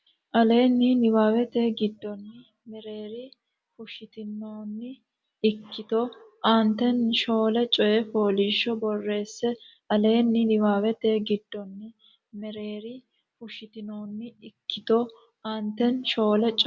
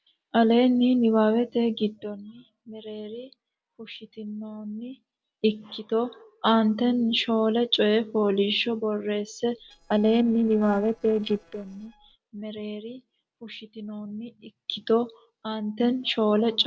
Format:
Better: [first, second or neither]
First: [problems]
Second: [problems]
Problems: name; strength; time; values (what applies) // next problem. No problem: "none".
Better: first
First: none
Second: noise reduction (neural separator model SepFormer DNS4)